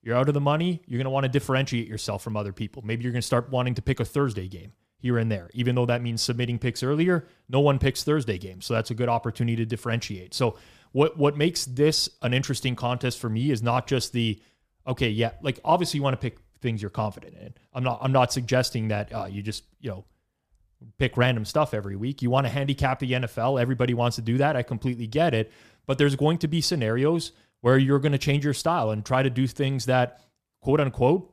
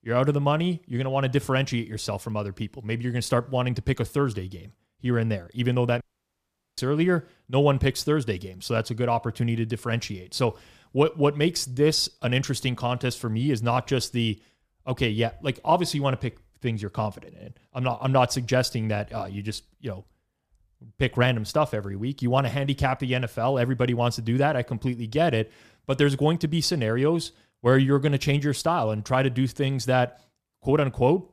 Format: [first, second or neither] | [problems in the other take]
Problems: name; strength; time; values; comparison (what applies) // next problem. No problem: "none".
first | audio cutting out; at 6 s for 1 s